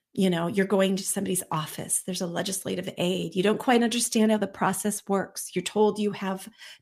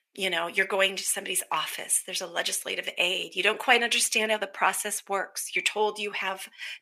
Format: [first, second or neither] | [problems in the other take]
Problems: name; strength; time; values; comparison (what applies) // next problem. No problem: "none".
first | thin; very; fading below 600 Hz